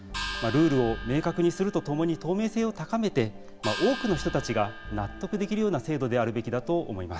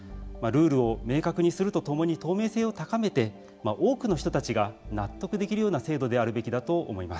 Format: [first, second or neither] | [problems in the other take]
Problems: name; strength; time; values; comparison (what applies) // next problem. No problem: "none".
second | background sound (Gong); 12 dB below the speech